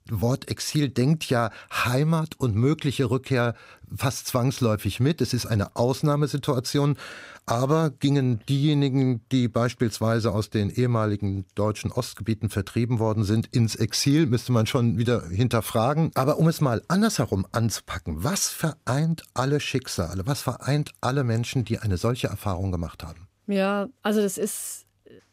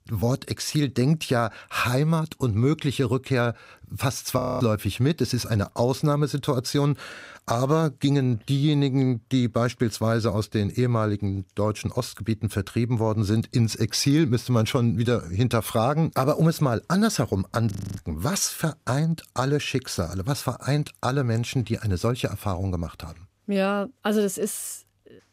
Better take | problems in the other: first | audio freezing; at 4.5 s and at 18 s

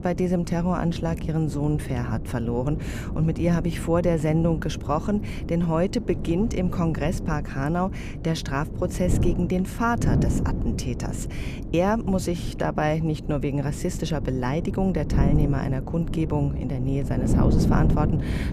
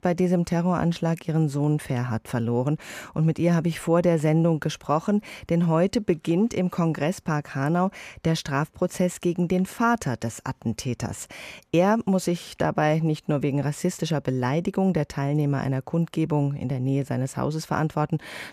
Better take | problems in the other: second | wind noise on the microphone; heavy; 8 dB below the speech

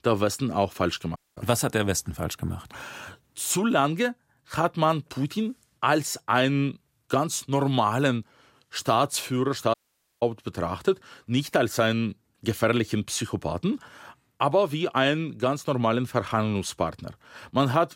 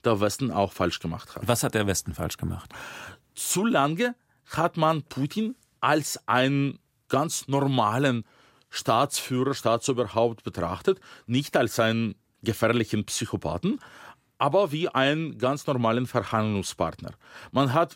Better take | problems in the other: second | audio cutting out; at 1 s and at 9.5 s

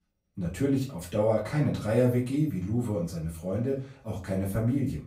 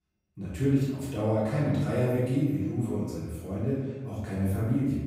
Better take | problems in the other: first | room echo; strong; dies away in 1.1 s; slight in the first // off-mic speech; far; far in the first

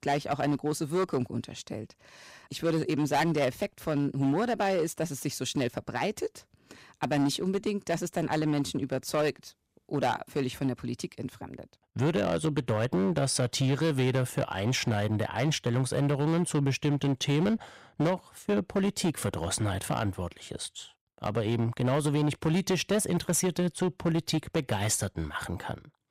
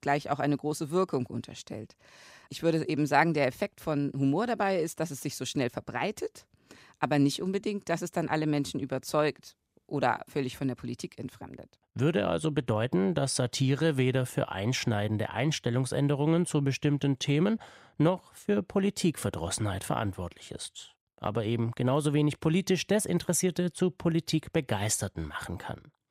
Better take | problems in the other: second | distortion; slight; 9% of the sound clipped

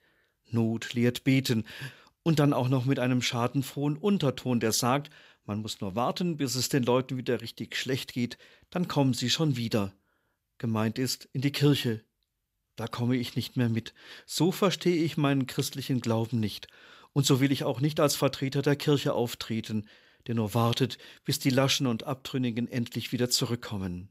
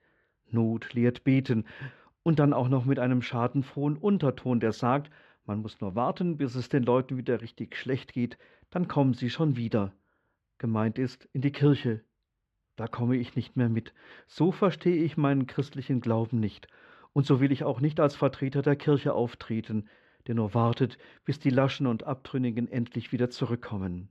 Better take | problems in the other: first | muffled; very; fading above 2 kHz

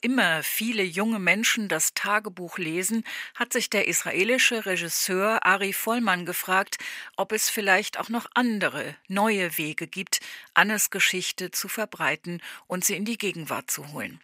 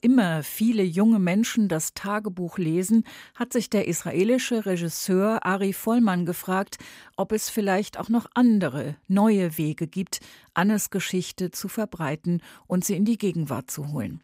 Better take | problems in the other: second | thin; somewhat; fading below 1 kHz

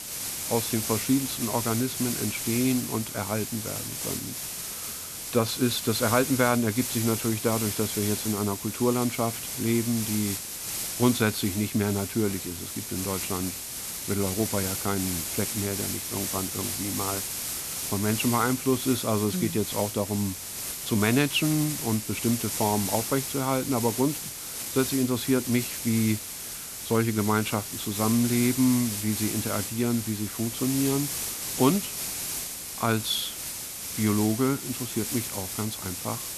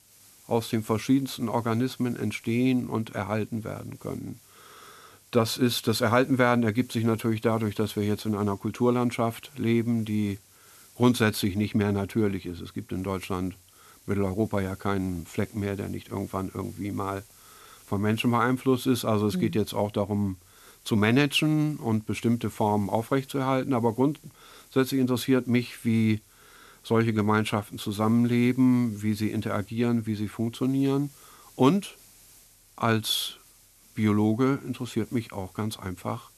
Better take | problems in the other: second | hiss; loud; throughout; 3 dB below the speech; faint in the second

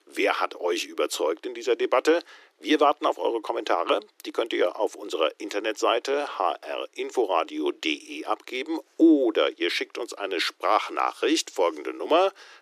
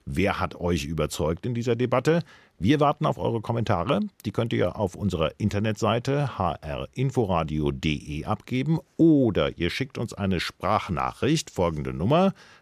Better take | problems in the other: second | thin; somewhat; fading below 300 Hz

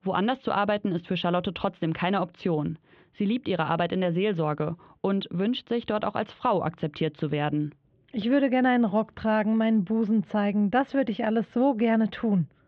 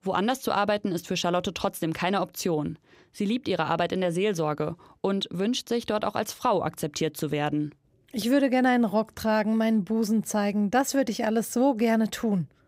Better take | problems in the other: second | muffled; very; fading above 3.5 kHz

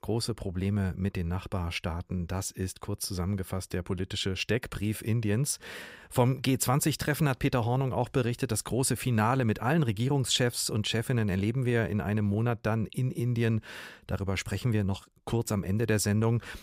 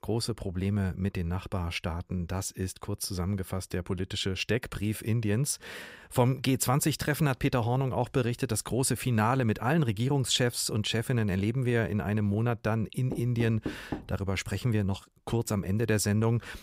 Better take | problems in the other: first | door banging; noticeable; at 13 s; peak 8 dB below the speech

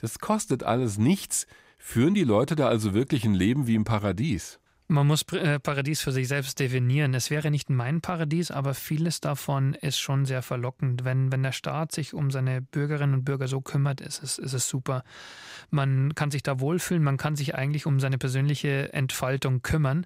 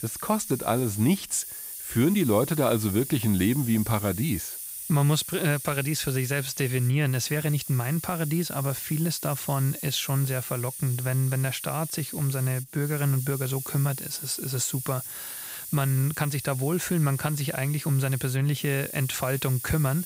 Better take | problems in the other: first | hiss; loud; throughout; 8 dB below the speech

